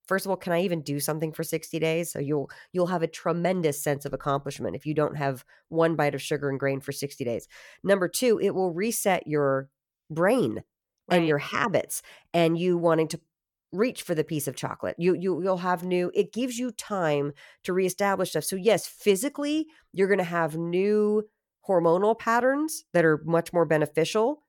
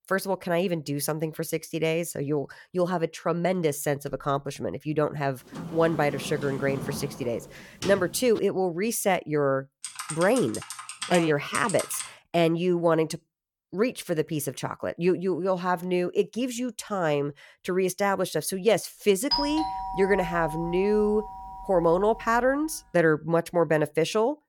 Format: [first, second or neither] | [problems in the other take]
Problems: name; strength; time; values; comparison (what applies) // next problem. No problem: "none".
first | door banging; noticeable; from 5.5 to 8.5 s; peak 8 dB below the speech // keyboard typing; noticeable; from 10 to 12 s; peak 7 dB below the speech // doorbell; loud; from 19 to 22 s; peak level with the speech